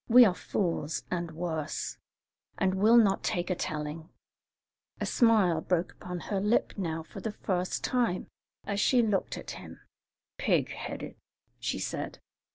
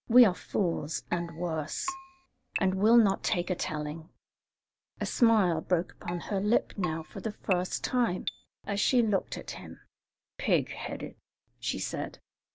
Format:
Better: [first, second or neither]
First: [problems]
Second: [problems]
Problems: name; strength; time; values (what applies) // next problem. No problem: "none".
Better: first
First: none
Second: background sound (Keyboard (musical)); 12 dB below the speech